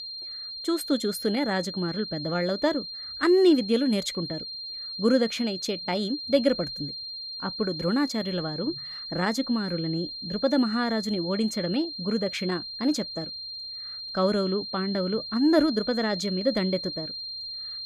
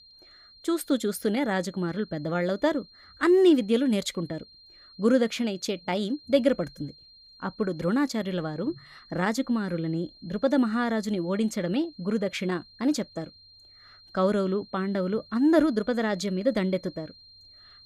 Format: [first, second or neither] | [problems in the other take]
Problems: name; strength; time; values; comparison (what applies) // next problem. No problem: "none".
second | high-pitched whine; loud; throughout; 4 kHz, 7 dB below the speech; faint in the second